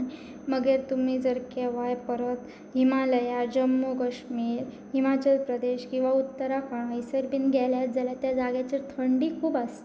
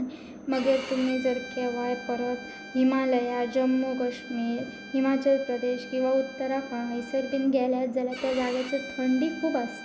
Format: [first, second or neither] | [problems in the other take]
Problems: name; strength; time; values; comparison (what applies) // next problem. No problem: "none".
first | background sound (Bowed string instrument); 15 dB below the speech